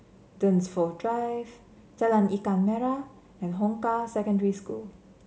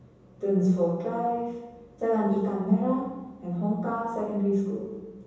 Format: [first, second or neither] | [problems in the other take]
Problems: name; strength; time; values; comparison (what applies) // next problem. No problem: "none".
first | room echo; dies away in 1.1 s